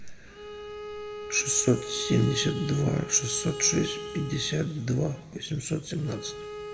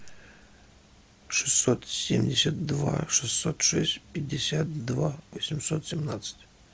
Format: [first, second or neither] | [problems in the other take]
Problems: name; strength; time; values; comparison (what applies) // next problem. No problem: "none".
second | background sound (Bowed string instrument); 10 dB below the speech // room echo; dies away in 1.3 s